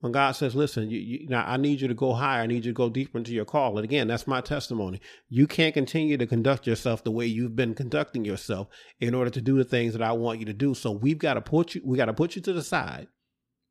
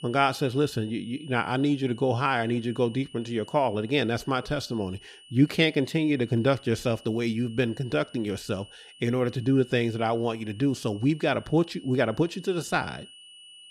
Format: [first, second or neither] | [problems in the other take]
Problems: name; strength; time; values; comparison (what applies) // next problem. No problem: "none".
first | high-pitched whine; faint; throughout; 3 kHz, 20 dB below the speech